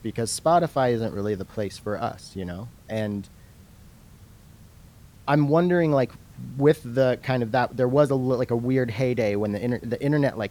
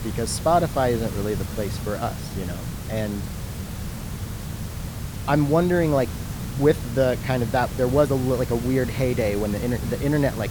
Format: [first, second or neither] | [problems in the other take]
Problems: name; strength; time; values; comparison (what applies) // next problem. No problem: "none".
first | hiss; loud; throughout; 8 dB below the speech; faint in the first